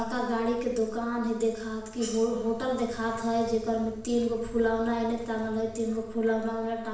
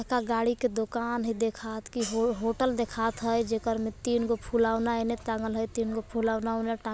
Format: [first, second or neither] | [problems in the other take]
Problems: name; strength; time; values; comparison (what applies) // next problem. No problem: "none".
second | room echo; dies away in 0.6 s